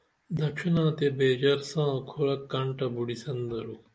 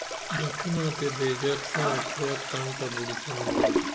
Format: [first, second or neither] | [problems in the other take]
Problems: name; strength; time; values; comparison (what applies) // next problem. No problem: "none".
first | background sound (Toilet flush); 1 dB above the speech